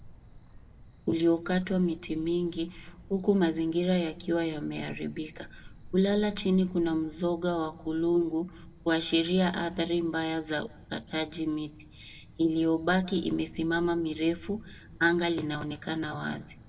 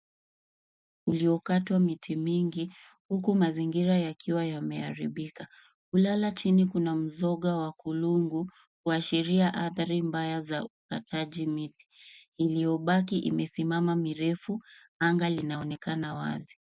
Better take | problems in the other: second | background sound (Cricket); 19 dB below the speech // room echo; dies away in 0.7 s

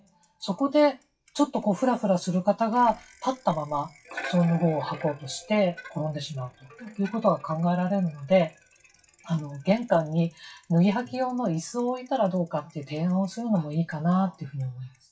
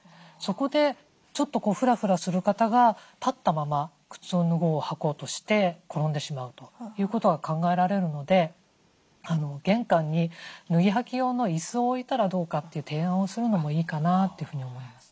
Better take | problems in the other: second | noise reduction (classical method WPE with log-MMSE)

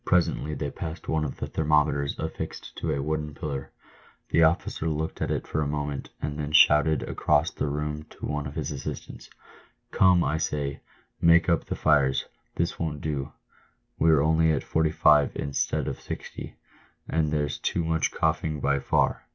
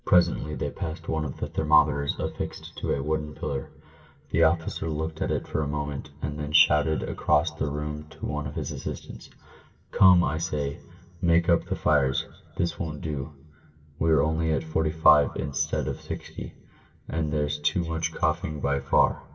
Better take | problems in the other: first | room echo; dies away in 1.6 s

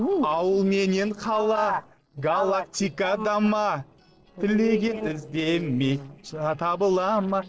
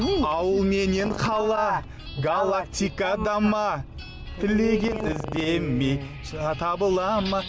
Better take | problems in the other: second | noise reduction (neural separator model SepFormer DNS4)

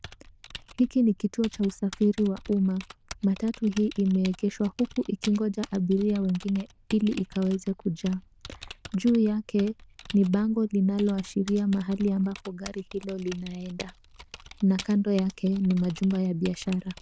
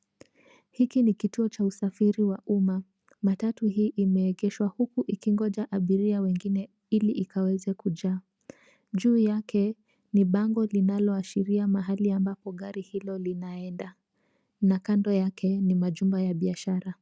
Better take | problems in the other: second | noise reduction (neural diffusion model UNIVERSE++)

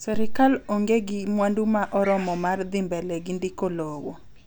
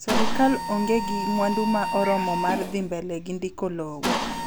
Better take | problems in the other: first | background sound (Mechanisms); 4 dB below the speech

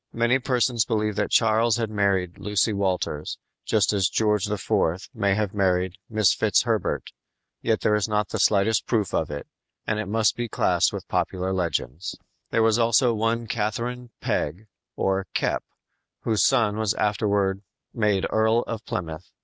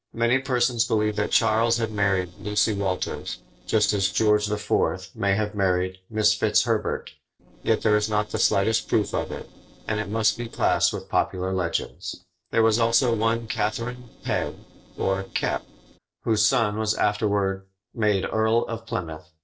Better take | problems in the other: first | noise reduction (neural separator model SepFormer DNS4)

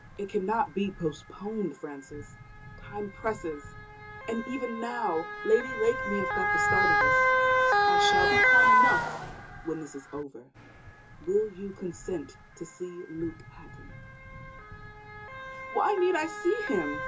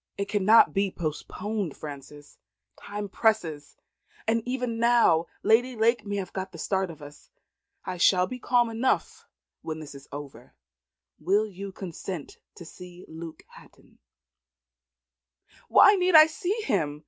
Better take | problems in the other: second | background sound (Motor vehicle (road) / Siren); 3 dB above the speech // room echo; dies away in 0.2 s

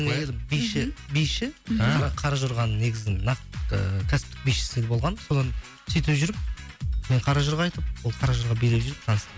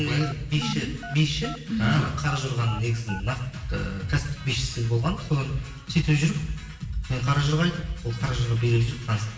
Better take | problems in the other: first | background sound (Telephone); 16 dB below the speech // room echo; dies away in 1.1 s

